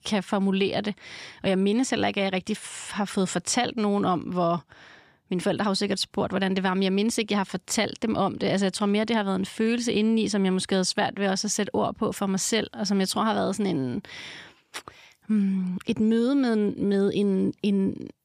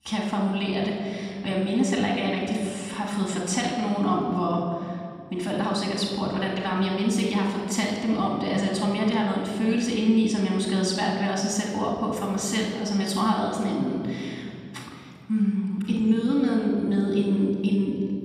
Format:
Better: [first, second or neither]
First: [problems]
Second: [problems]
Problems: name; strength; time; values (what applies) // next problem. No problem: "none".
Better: first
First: none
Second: room echo; noticeable; dies away in 2.6 s // off-mic speech; far